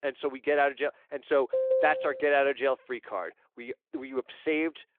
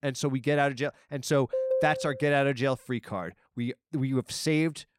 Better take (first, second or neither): second